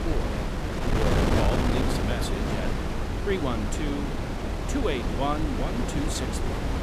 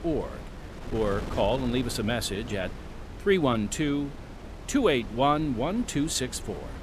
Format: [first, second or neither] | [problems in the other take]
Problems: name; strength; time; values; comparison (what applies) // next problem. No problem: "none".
second | wind noise on the microphone; heavy; 1 dB above the speech; occasional gusts in the second